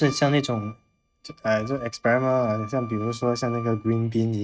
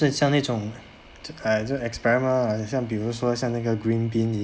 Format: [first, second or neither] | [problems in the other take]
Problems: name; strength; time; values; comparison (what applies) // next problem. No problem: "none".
second | noise reduction (neural mask model RNNoise)